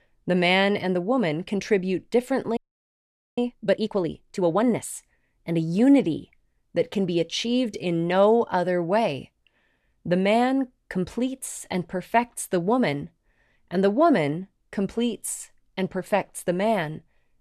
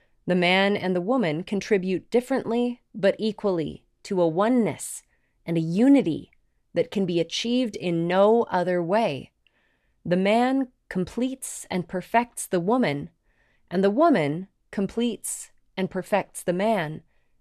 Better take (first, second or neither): second